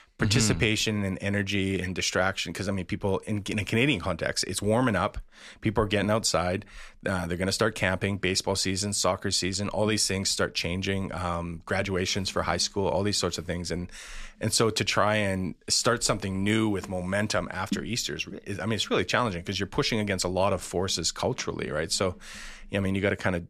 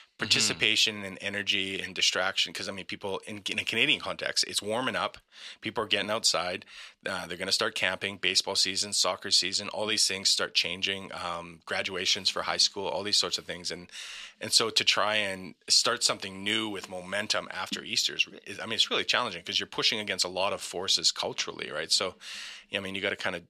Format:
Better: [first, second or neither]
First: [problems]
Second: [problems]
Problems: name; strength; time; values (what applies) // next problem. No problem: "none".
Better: first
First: none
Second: thin; somewhat; fading below 600 Hz